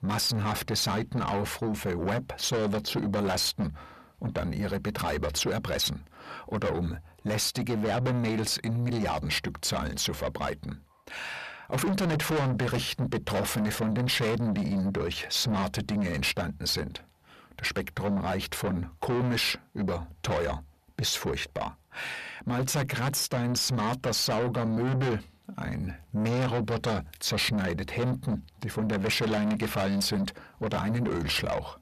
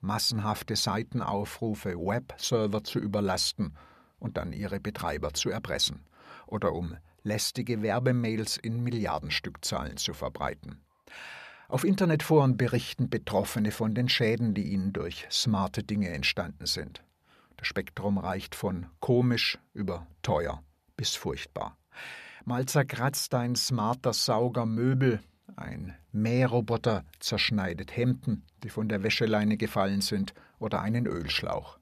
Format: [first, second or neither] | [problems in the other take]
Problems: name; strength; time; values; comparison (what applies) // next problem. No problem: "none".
second | distortion; heavy; 6 dB below the speech